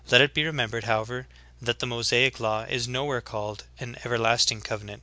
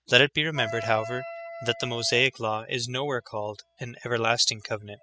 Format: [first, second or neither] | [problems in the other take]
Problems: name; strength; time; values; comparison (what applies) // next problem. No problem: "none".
first | noise reduction (classical method spectral subtraction)